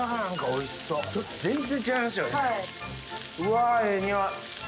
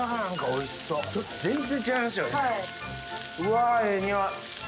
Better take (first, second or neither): first